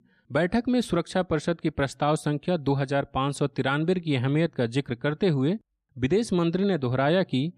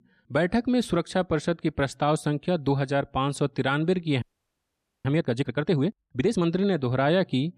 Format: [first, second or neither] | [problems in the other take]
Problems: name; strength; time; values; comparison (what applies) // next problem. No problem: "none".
first | audio freezing; at 4 s for 1 s